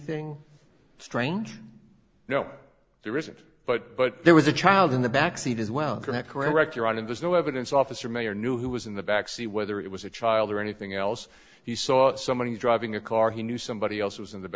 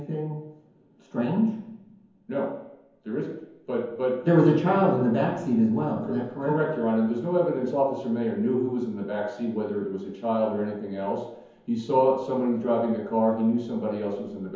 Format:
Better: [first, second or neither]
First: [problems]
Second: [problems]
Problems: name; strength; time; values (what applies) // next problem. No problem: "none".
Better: first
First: none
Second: room echo; dies away in 0.9 s